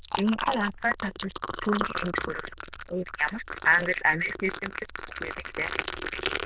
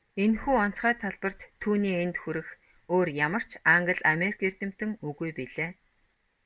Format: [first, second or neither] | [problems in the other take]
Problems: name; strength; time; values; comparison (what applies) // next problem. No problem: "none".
second | noise reduction (neural diffusion model UNIVERSE++)